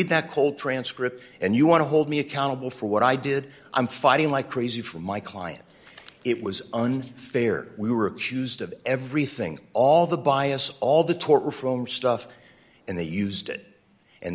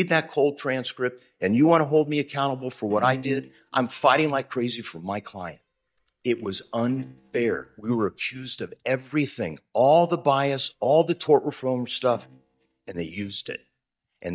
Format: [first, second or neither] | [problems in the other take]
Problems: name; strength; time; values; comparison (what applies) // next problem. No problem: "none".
first | noise reduction (neural mask model DeepFilterNet 3)